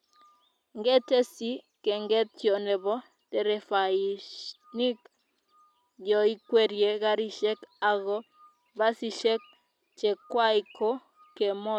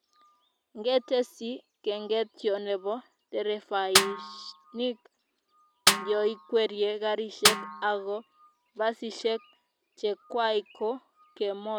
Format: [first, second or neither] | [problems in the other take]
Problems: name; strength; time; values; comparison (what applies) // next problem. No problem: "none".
first | background sound (Snare drum); 1 dB above the speech